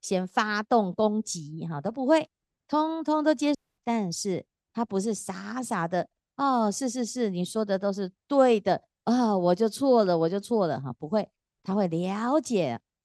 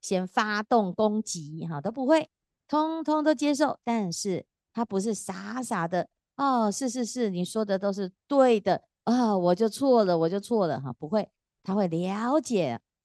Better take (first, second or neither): second